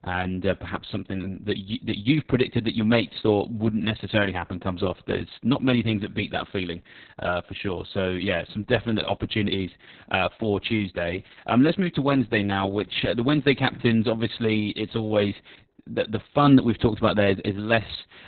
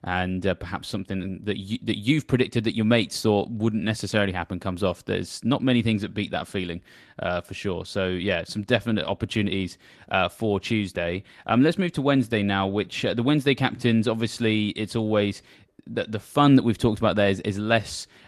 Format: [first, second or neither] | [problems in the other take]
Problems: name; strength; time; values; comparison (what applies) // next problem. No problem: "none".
second | garbled, watery; badly; nothing above 4 kHz; slightly in the second